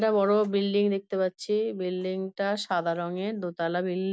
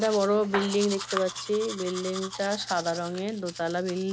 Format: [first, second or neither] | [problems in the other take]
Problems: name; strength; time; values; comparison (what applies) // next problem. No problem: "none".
first | background sound (Domestic sounds, home sounds); 10 dB below the speech